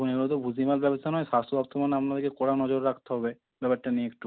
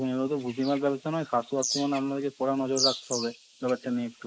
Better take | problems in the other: first | noise reduction (neural mask model Resemble Enhance denoiser)

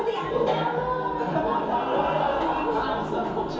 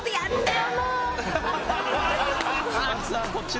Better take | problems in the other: second | room echo; dies away in 0.6 s

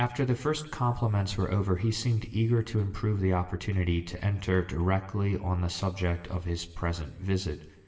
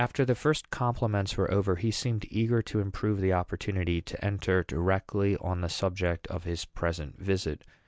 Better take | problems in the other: second | room echo; dies away in 0.9 s

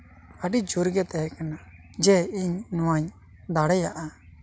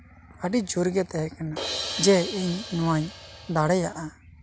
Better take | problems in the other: first | background sound (Crash cymbal); 9 dB below the speech

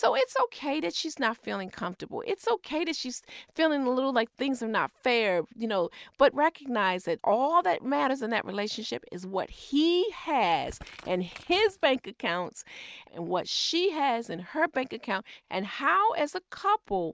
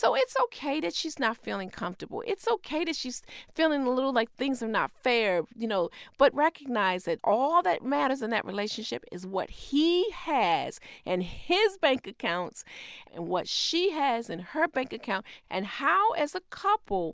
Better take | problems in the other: second | noise reduction (neural mask model RNNoise)

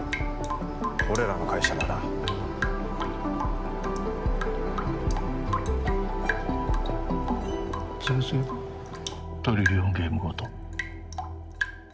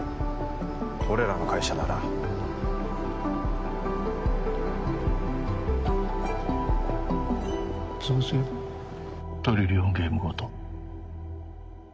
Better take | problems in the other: second | background sound (Drip / Rain); 9 dB below the speech

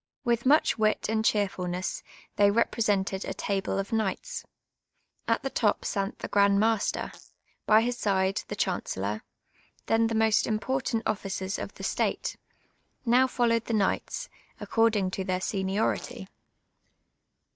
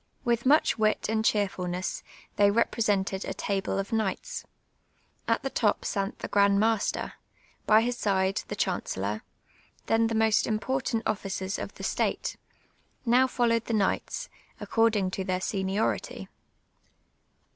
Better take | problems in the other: second | noise reduction (neural mask model DeepFilterNet 3)

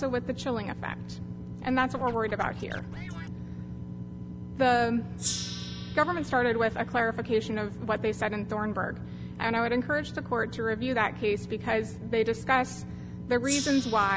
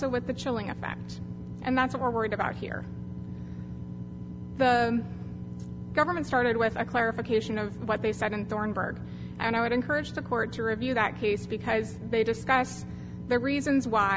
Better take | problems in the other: second | background sound (Scratching (performance technique) + Gong); 16 dB below the speech

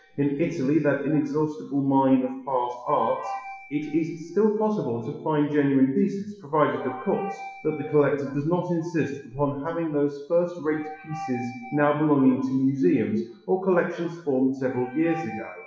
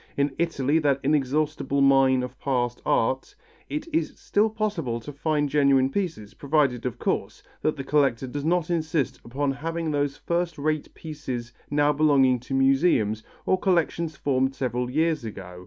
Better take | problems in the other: second | noise reduction (classical method WPE with log-MMSE)

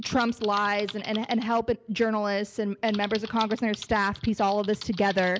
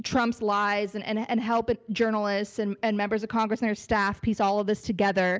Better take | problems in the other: second | background sound (Typing); 17 dB below the speech

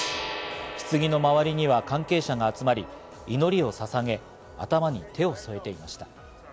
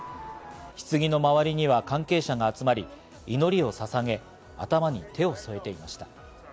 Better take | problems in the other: second | background sound (Gong); 13 dB below the speech

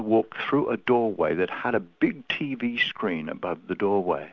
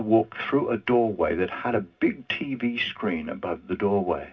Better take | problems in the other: first | room echo; dies away in 0.4 s

